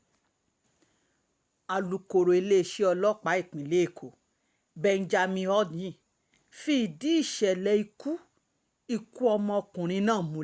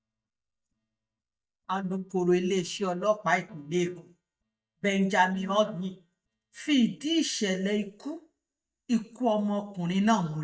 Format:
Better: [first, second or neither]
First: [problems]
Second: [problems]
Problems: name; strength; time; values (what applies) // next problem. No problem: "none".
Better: first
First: none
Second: noise reduction (neural mask model DeepFilterNet 3)